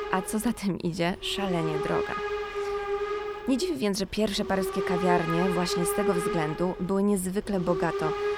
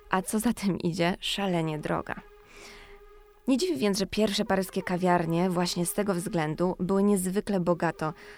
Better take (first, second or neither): second